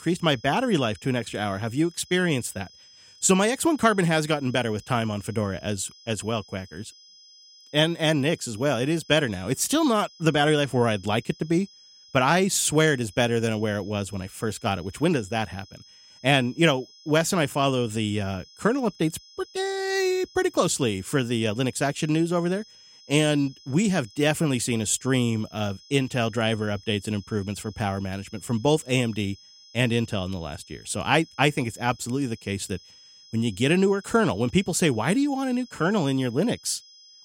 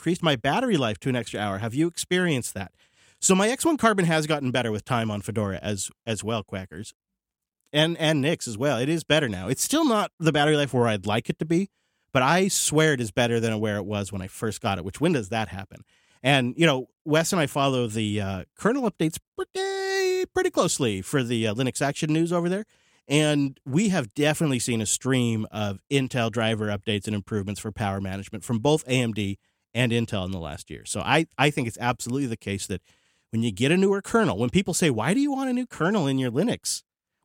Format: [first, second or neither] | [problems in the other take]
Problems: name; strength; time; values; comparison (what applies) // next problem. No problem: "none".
second | high-pitched whine; faint; throughout; 5 kHz, 25 dB below the speech